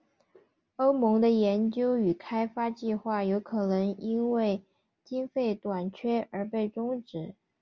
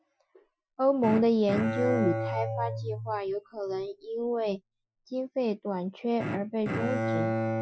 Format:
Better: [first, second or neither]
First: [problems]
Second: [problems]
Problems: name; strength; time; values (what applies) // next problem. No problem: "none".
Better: first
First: none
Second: noise reduction (classical method Wiener filter)